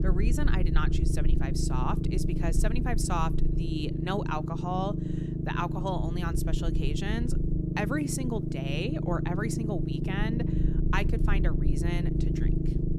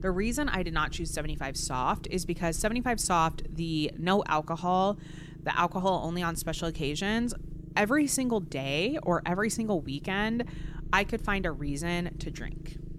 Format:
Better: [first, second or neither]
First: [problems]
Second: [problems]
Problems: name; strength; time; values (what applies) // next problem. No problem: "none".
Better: second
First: low rumble; loud; throughout; 4 dB below the speech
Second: low rumble; faint; throughout; 25 dB below the speech